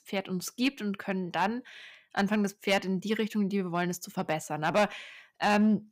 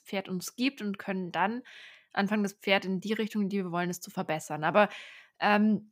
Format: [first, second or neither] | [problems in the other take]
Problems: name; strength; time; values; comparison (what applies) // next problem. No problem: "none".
second | distortion; slight; 2% of the sound clipped